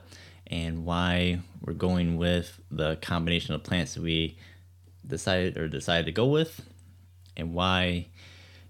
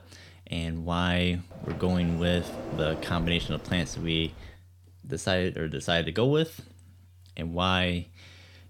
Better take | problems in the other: first | door banging; noticeable; from 1.5 to 4.5 s; peak 9 dB below the speech

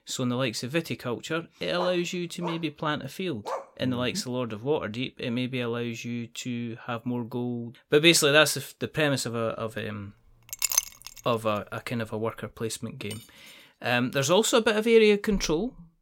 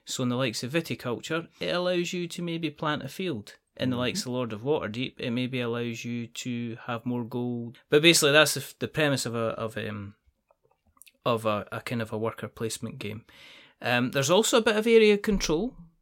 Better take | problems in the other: second | dog barking; noticeable; from 2 to 3.5 s; peak 9 dB below the speech // clattering dishes; loud; at 11 s; peak 2 dB above the speech // clattering dishes; faint; at 13 s; peak 20 dB below the speech

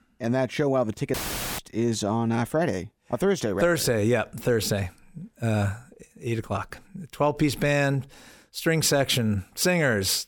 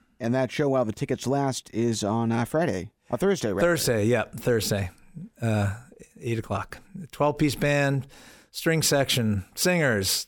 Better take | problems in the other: second | audio cutting out; filled with static; at 1 s

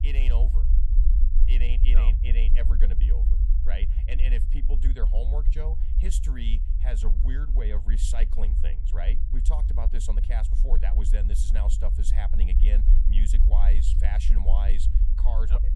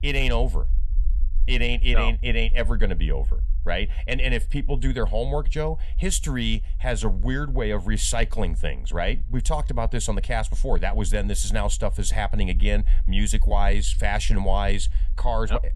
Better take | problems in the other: second | low rumble; loud; throughout; 6 dB below the speech; faint in the second

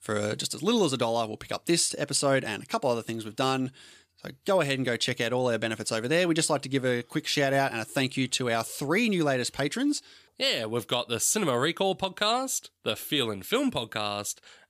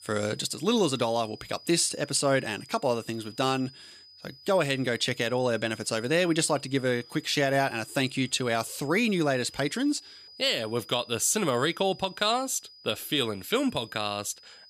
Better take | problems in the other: first | high-pitched whine; faint; throughout; 5 kHz, 20 dB below the speech

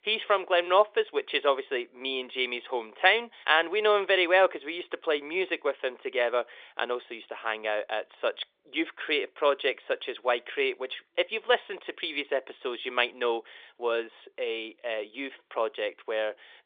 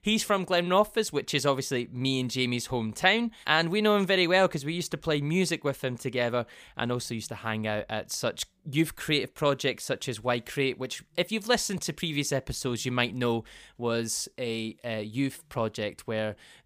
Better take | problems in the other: second | phone-call audio

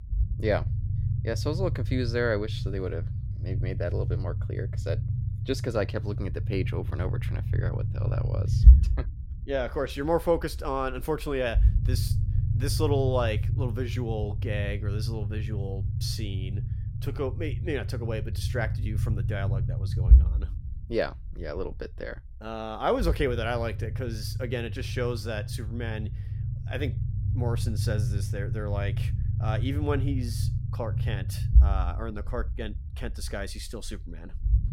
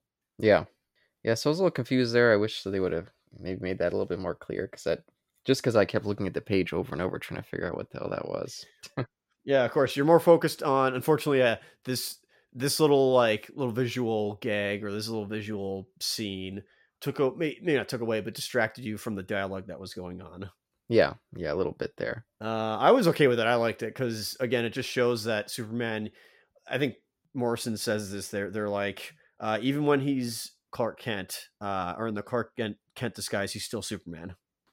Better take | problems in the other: second | low rumble; noticeable; throughout; 10 dB below the speech

